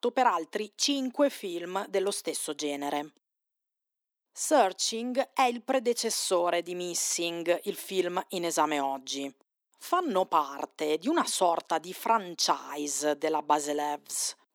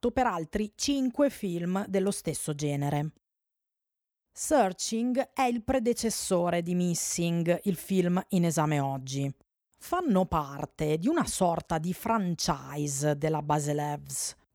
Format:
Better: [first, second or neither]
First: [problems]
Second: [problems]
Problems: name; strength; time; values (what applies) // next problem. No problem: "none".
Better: second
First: thin; somewhat; fading below 250 Hz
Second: none